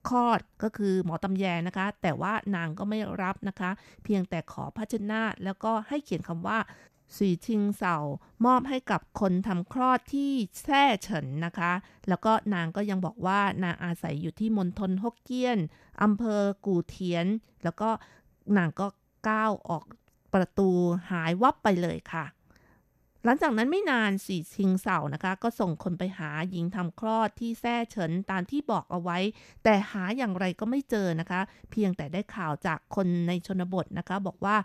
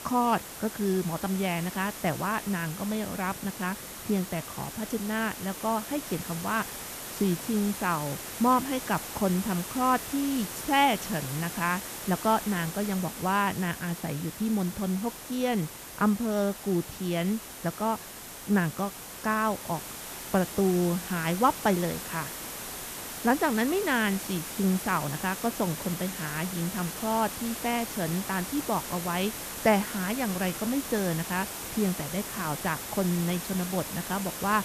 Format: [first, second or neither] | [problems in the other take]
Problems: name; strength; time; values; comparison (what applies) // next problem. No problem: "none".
first | hiss; loud; throughout; 7 dB below the speech